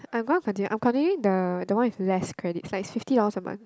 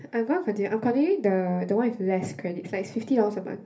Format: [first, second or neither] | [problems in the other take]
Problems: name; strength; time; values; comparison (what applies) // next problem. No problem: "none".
first | room echo; dies away in 0.3 s